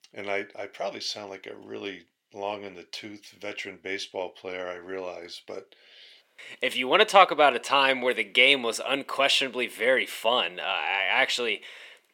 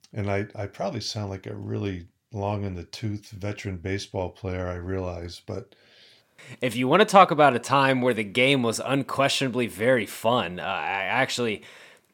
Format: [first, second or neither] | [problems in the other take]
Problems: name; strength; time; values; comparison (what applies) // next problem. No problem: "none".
second | thin; somewhat; fading below 450 Hz